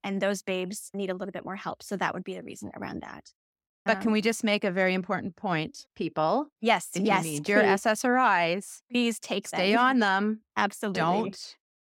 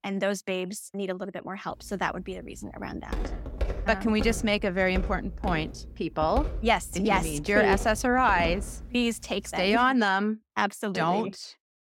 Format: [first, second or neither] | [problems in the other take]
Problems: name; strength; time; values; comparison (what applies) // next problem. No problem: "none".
first | footsteps; noticeable; from 3 to 9 s; peak 6 dB below the speech